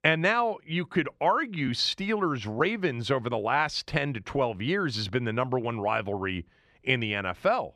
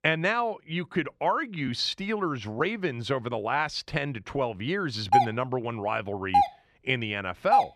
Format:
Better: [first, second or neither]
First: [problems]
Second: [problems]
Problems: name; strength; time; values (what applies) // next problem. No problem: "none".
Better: first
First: none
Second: doorbell; loud; from 5 s on; peak 6 dB above the speech